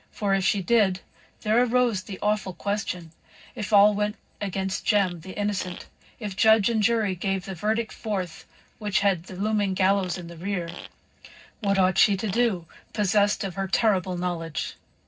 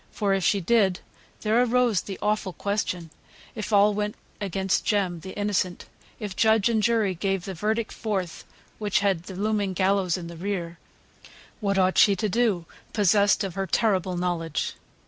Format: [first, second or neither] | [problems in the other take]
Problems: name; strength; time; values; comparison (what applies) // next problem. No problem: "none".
second | noise reduction (neural separator model SepFormer DNS4)